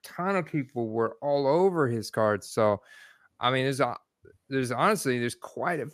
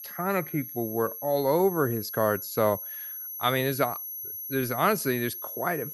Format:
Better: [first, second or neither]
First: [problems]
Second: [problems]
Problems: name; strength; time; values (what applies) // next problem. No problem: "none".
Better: first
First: none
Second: high-pitched whine; loud; throughout; 11.5 kHz, 8 dB below the speech